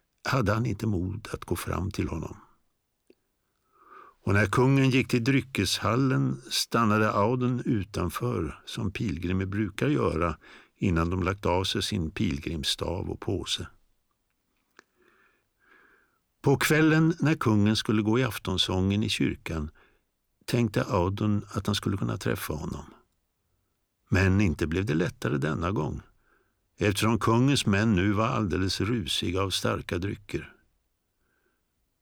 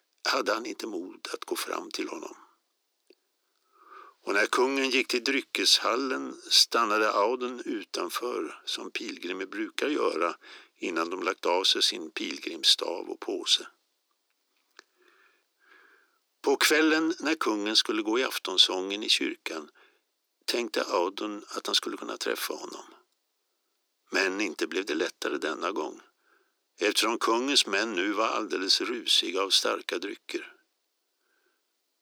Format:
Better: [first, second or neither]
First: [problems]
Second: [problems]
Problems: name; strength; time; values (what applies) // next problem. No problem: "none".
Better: first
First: none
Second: thin; somewhat; fading below 300 Hz